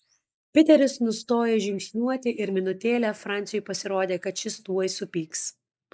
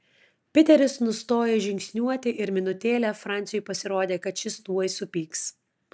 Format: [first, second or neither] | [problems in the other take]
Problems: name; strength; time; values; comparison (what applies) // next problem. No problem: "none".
second | noise reduction (neural mask model Resemble Enhance denoiser)